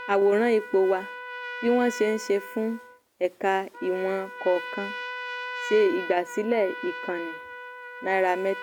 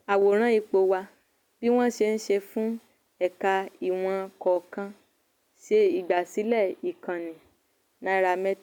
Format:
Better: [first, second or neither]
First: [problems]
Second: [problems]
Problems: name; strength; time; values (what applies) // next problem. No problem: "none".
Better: second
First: background sound (Trumpet); 11 dB below the speech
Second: none